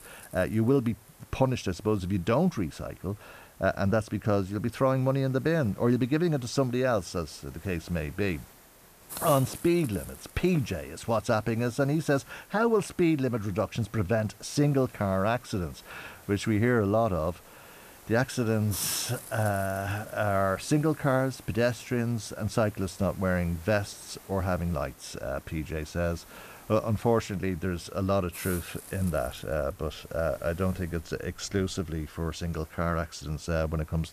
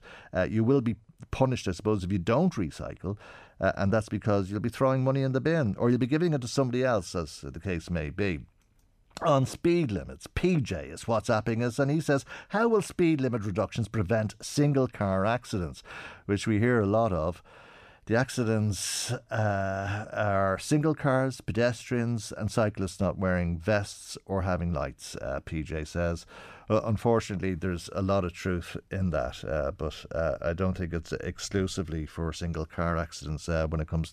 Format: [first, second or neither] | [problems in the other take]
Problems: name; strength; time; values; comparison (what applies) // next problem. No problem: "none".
second | hiss; noticeable; throughout; 20 dB below the speech